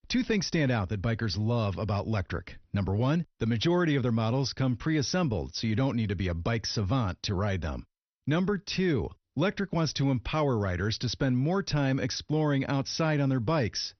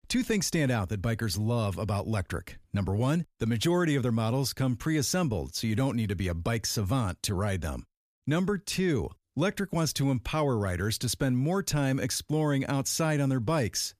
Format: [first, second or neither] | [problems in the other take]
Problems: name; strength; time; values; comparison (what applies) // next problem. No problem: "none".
second | garbled, watery; slightly; nothing above 6 kHz